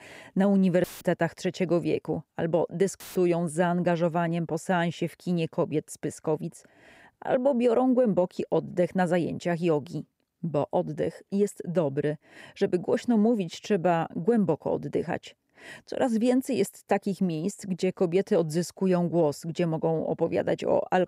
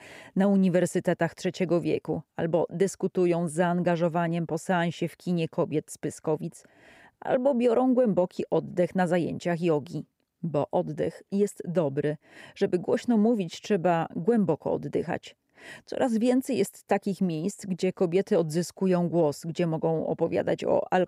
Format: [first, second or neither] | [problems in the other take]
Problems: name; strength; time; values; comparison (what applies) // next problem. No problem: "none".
second | audio cutting out; filled with static; at 1 s and at 3 s